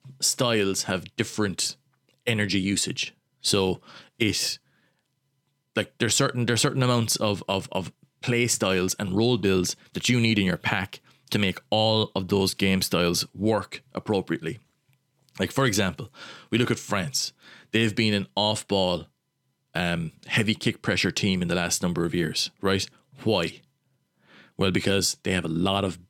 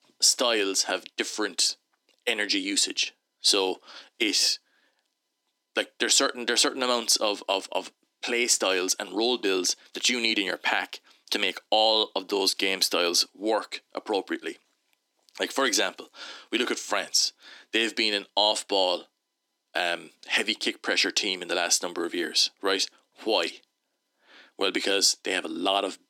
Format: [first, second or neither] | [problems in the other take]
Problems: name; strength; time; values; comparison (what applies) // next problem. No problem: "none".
first | thin; somewhat; fading below 300 Hz